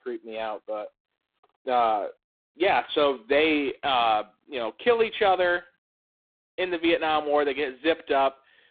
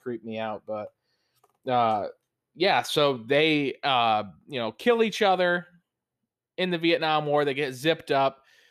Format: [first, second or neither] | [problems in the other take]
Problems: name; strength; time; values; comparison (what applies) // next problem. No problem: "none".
second | phone-call audio; poor line